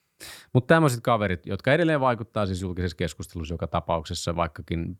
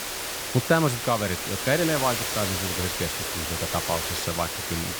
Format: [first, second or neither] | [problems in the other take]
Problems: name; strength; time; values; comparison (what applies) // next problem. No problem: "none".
first | hiss; loud; throughout; 1 dB below the speech